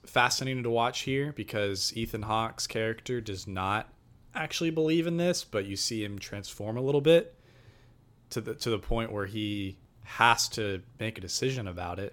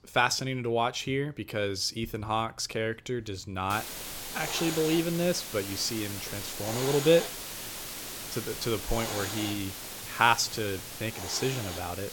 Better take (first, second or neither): first